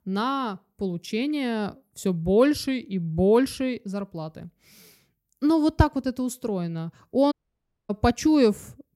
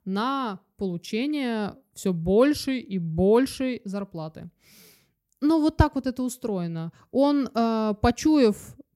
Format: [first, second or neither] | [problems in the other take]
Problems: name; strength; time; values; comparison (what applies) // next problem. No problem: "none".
second | audio cutting out; at 7.5 s for 0.5 s